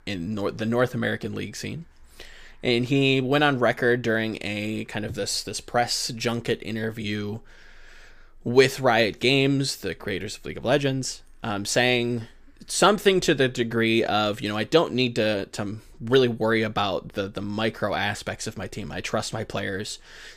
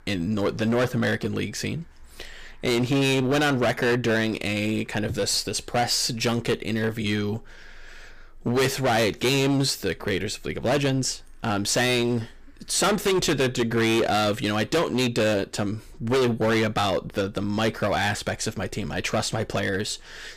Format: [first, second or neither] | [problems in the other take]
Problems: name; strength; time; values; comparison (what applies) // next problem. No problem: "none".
first | distortion; heavy; 13% of the sound clipped